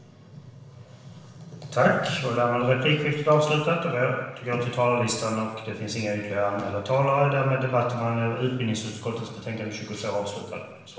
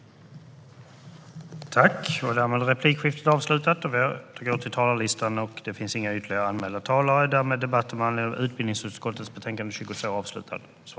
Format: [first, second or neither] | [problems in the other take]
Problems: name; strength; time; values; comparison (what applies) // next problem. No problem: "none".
second | room echo; dies away in 0.8 s